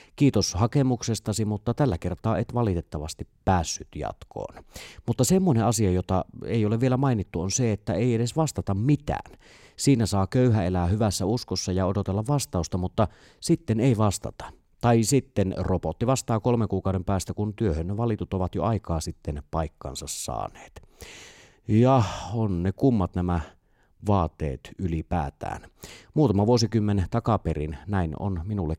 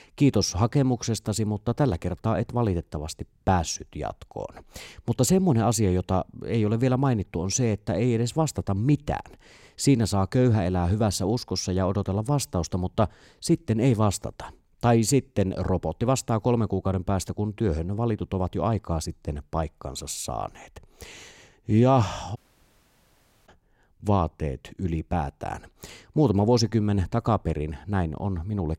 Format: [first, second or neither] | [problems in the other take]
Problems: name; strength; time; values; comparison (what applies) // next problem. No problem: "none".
first | audio cutting out; at 22 s for 1 s